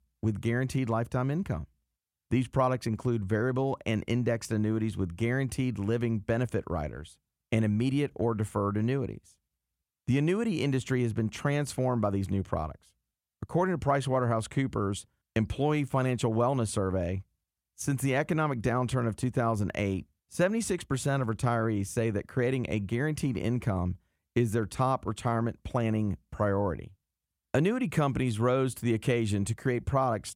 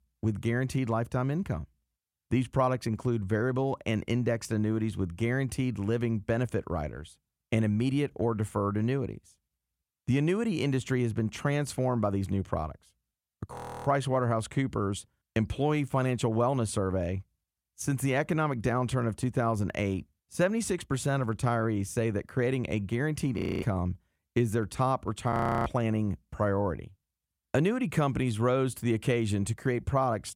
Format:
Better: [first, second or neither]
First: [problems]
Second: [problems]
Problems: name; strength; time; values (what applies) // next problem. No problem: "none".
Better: first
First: none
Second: audio freezing; at 14 s, at 23 s and at 25 s